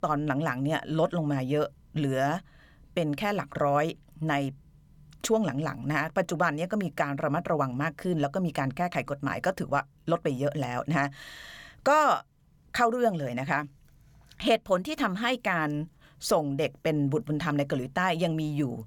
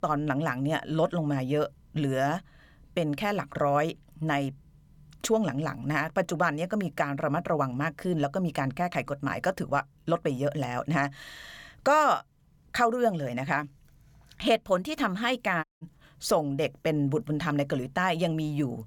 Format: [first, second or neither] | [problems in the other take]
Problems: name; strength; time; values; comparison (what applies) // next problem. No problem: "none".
first | audio cutting out; at 16 s